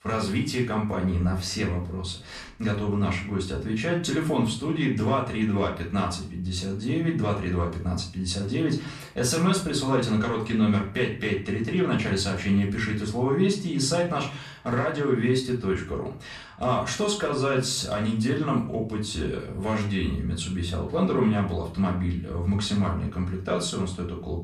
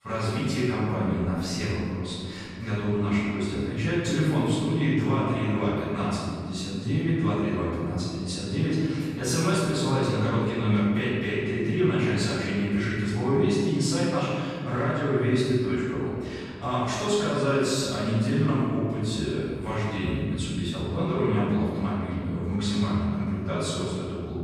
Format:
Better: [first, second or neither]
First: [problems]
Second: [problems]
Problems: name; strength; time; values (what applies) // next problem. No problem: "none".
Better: first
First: room echo; slight; dies away in 0.4 s // off-mic speech; far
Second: room echo; strong; dies away in 2.1 s // off-mic speech; far